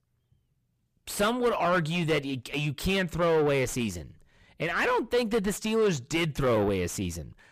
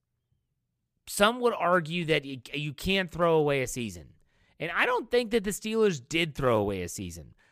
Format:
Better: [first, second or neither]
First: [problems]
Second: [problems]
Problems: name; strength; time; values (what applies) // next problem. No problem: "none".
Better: second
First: distortion; heavy; 7 dB below the speech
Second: none